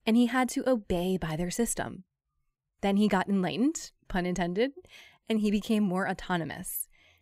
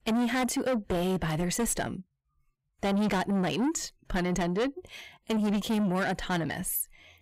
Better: first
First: none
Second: distortion; heavy; 7 dB below the speech

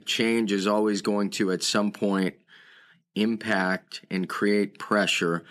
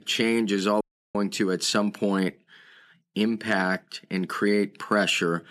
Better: first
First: none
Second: audio cutting out; at 1 s

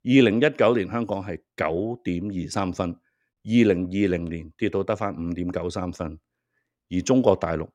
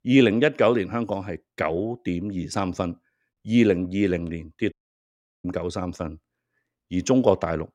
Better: first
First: none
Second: audio cutting out; at 4.5 s for 0.5 s

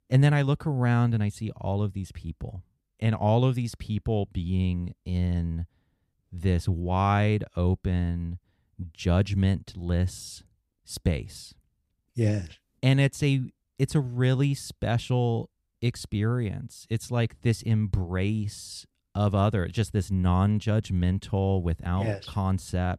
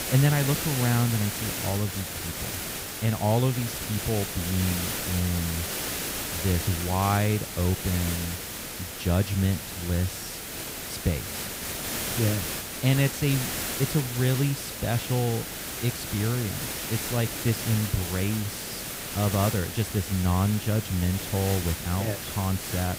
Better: first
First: none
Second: hiss; loud; throughout; 4 dB below the speech

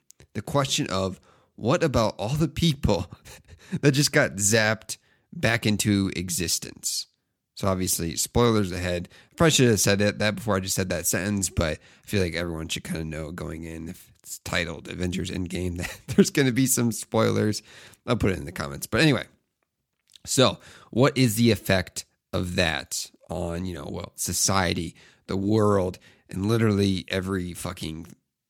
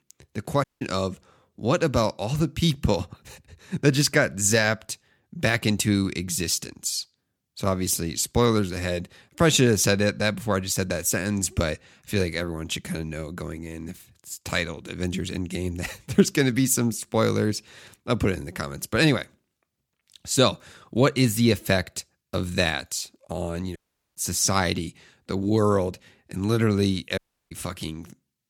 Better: first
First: none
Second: audio cutting out; at 0.5 s, at 24 s and at 27 s

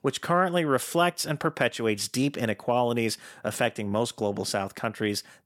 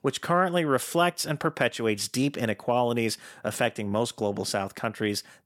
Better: neither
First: none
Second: none

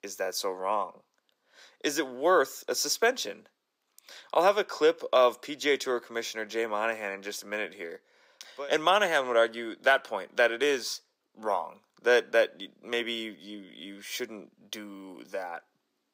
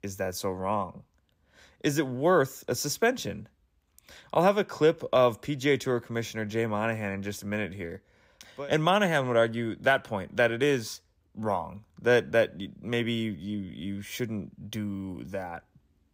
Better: second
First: thin; somewhat; fading below 350 Hz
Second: none

